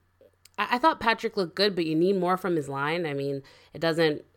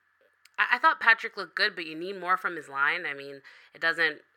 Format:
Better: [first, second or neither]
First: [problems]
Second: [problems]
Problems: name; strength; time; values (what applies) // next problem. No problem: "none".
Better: first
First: none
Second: thin; very; fading below 550 Hz